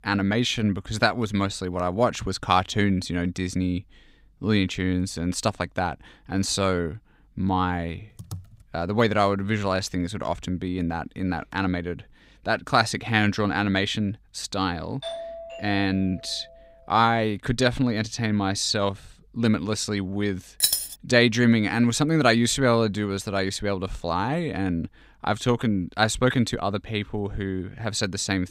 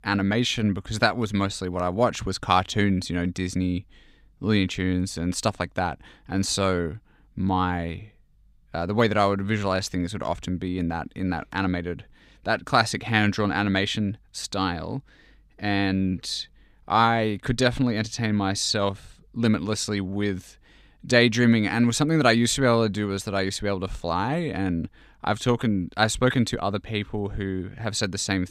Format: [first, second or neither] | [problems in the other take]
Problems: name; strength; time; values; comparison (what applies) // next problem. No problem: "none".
second | keyboard typing; faint; at 8 s; peak 15 dB below the speech // doorbell; noticeable; from 15 to 17 s; peak 9 dB below the speech // jangling keys; loud; at 21 s; peak 3 dB above the speech